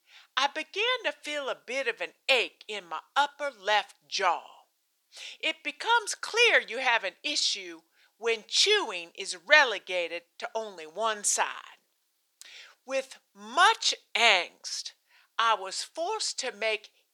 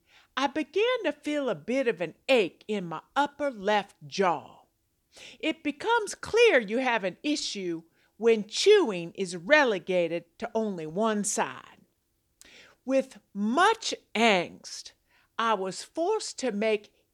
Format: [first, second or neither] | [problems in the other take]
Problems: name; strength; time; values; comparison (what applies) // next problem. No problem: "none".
second | thin; very; fading below 800 Hz